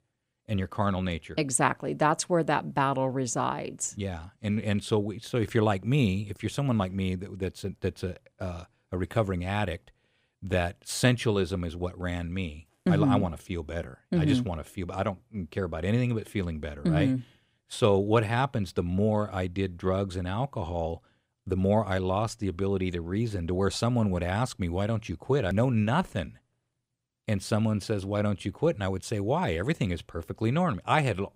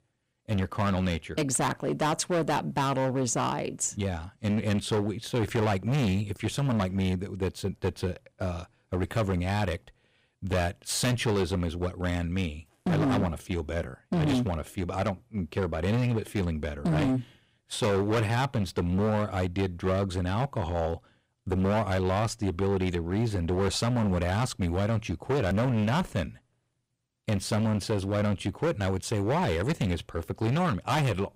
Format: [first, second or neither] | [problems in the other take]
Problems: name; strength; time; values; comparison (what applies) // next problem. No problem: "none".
first | distortion; heavy; 15% of the sound clipped